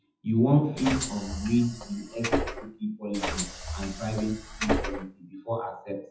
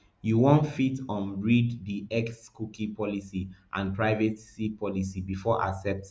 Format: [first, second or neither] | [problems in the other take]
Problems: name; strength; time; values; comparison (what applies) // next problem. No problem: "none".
second | noise reduction (classical method WPE with log-MMSE)